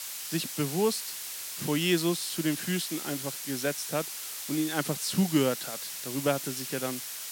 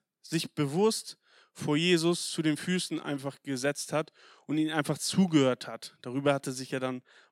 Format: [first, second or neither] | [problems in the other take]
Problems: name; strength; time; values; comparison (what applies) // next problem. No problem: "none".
second | hiss; loud; throughout; 5 dB below the speech